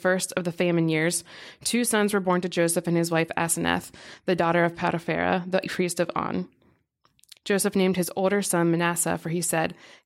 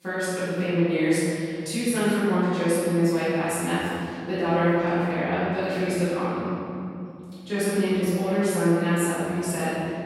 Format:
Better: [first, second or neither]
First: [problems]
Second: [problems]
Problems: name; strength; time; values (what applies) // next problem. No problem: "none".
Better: first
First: none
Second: off-mic speech; far // room echo; strong; dies away in 2.9 s